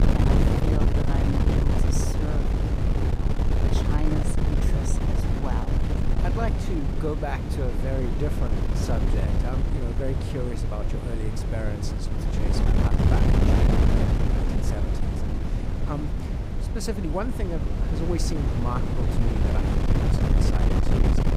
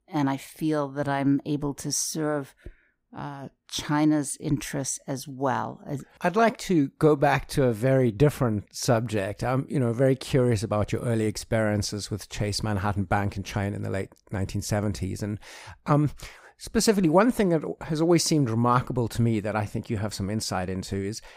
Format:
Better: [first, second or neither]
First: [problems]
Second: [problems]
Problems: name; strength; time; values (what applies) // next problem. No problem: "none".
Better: second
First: wind noise on the microphone; heavy; 3 dB above the speech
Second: none